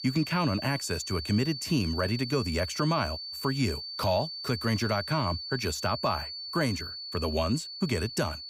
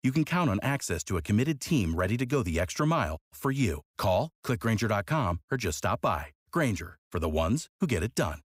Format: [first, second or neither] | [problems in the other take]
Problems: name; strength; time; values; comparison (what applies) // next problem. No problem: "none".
second | high-pitched whine; loud; throughout; 4.5 kHz, 6 dB below the speech